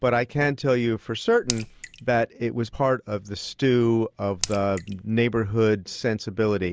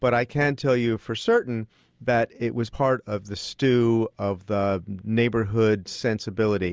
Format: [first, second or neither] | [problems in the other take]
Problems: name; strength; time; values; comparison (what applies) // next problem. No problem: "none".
second | background sound (Raindrop / Splash, splatter); 11 dB below the speech